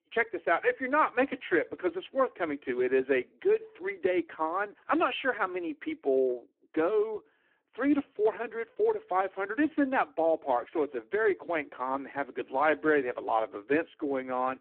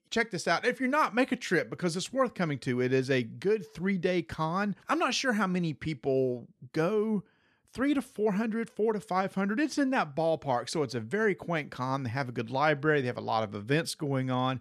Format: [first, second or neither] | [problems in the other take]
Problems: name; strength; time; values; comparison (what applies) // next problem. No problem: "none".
second | phone-call audio; poor line